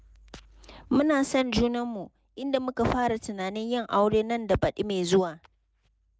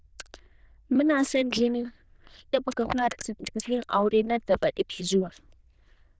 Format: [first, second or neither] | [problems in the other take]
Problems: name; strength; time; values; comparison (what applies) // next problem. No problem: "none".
first | noise reduction (neural diffusion model UNIVERSE++)